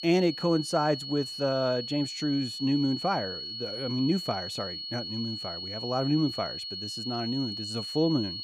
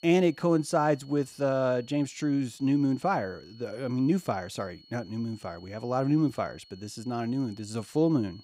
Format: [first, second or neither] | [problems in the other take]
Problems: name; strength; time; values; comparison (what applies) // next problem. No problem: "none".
second | high-pitched whine; loud; throughout; 4.5 kHz, 5 dB below the speech; faint in the second